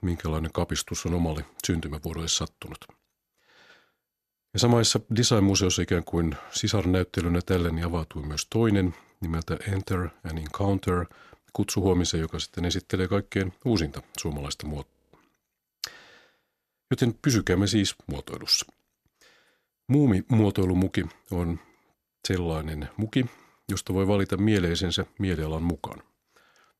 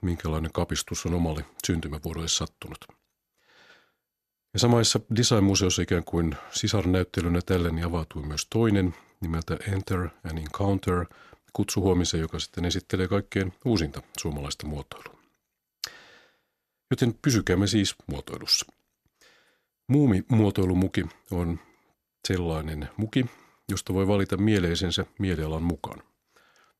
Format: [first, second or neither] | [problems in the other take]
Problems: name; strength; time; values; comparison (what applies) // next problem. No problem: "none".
second | audio freezing; at 15 s